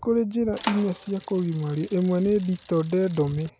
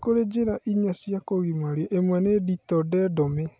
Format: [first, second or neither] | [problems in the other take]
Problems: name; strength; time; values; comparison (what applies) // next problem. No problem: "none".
second | background sound (Bicycle); 16 dB below the speech